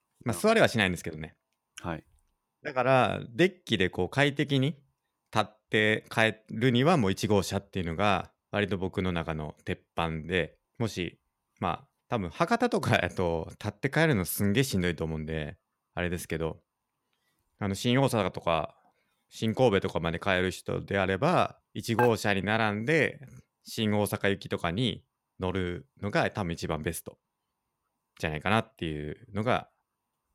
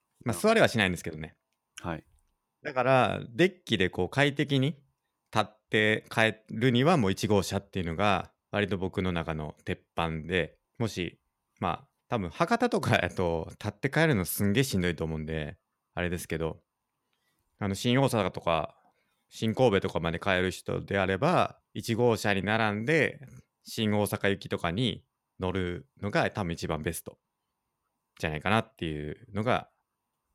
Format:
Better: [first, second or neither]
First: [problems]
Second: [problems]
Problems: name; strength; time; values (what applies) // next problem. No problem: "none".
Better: second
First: clattering dishes; noticeable; at 22 s; peak 4 dB below the speech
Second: none